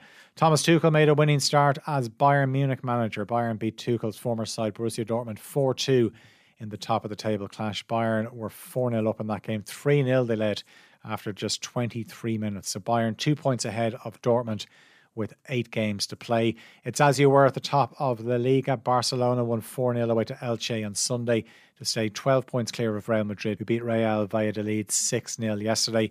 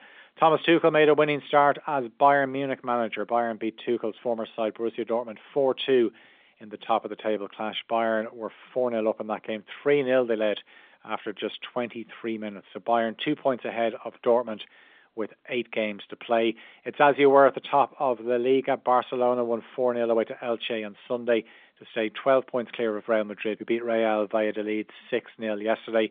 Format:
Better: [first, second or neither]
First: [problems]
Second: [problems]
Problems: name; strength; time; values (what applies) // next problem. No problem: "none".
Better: first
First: none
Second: phone-call audio; nothing above 3.5 kHz